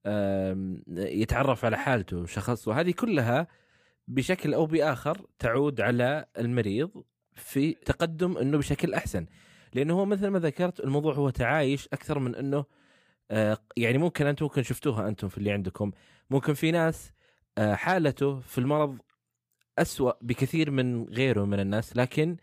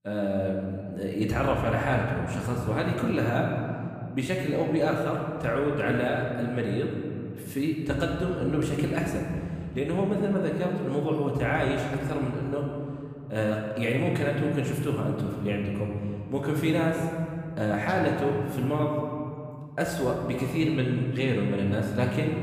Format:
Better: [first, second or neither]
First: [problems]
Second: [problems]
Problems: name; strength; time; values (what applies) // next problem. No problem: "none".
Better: first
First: none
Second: room echo; noticeable; dies away in 2.4 s // off-mic speech; somewhat distant